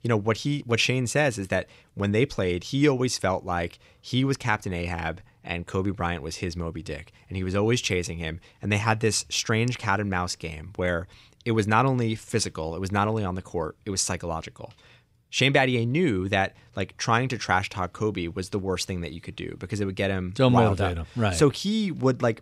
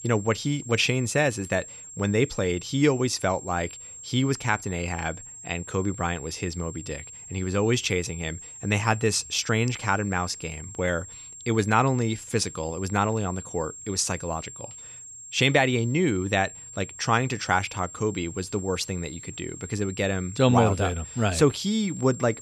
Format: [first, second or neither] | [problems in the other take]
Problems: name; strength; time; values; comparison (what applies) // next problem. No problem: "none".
first | high-pitched whine; noticeable; throughout; 7.5 kHz, 15 dB below the speech